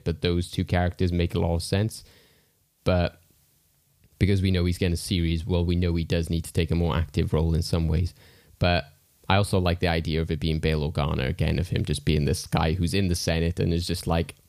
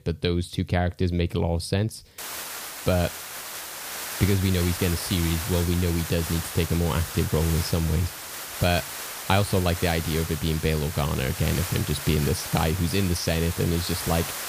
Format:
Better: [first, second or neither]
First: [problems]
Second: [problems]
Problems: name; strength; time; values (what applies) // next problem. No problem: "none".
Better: first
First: none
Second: hiss; loud; from 2 s on; 7 dB below the speech